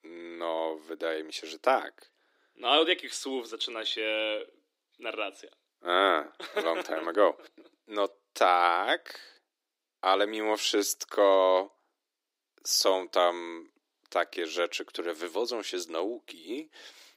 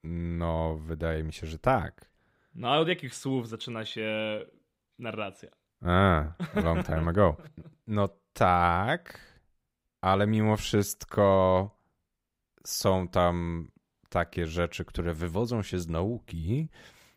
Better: second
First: thin; very; fading below 300 Hz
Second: none

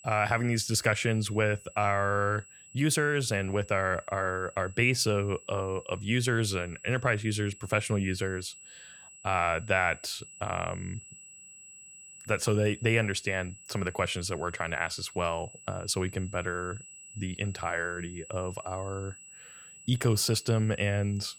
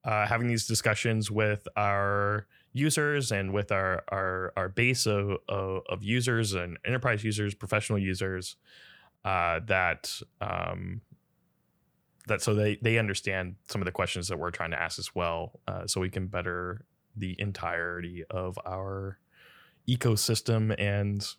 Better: second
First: high-pitched whine; noticeable; throughout; 8 kHz, 20 dB below the speech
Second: none

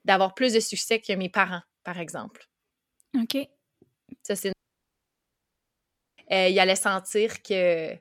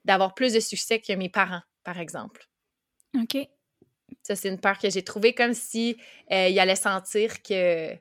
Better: second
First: audio cutting out; at 4.5 s for 1.5 s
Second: none

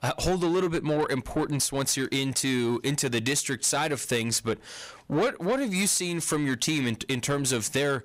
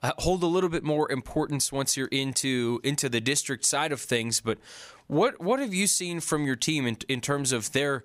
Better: second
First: distortion; slight; 10 dB below the speech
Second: none

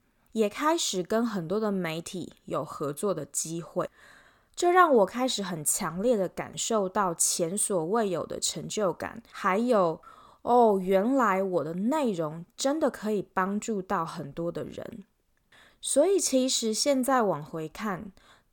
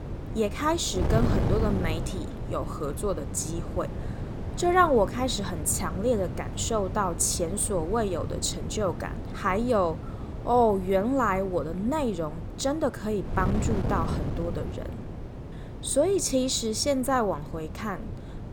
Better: first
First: none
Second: wind noise on the microphone; occasional gusts; 15 dB below the speech

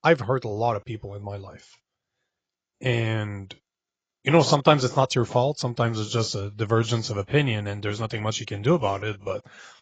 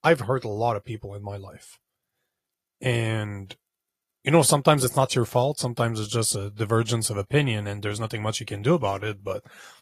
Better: second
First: garbled, watery; badly; nothing above 7.5 kHz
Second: garbled, watery; slightly

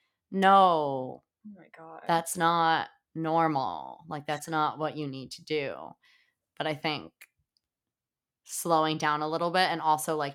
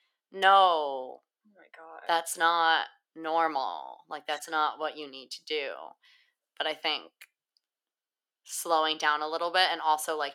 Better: first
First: none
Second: thin; very; fading below 400 Hz

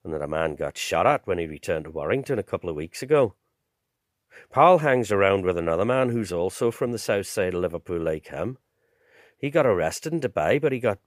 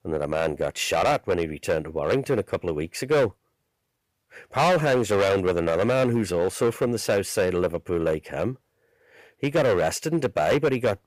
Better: first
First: none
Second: distortion; heavy; 8% of the sound clipped

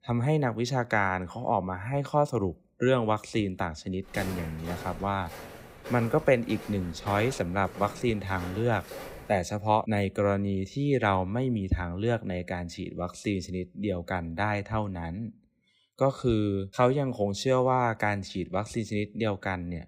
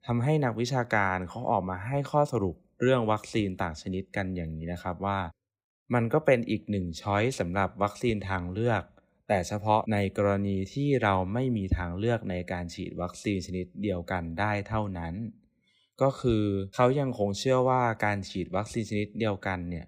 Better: second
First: footsteps; noticeable; from 4 to 9.5 s; peak 9 dB below the speech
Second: none

